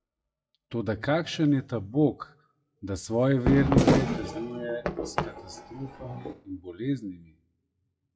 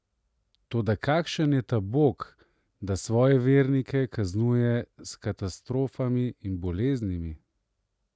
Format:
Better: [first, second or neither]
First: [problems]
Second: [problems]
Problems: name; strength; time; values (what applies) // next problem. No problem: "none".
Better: second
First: noise reduction (classical method WPE with log-MMSE)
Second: none